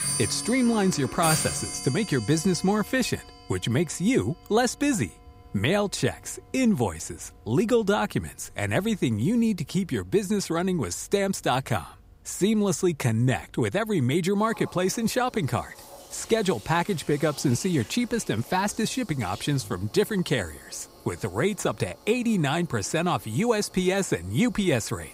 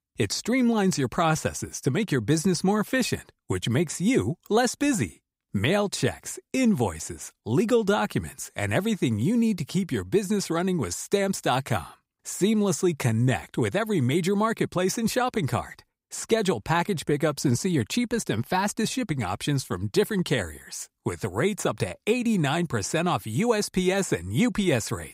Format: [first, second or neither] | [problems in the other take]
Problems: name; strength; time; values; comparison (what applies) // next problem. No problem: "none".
second | household noises; noticeable; throughout; 10 dB below the speech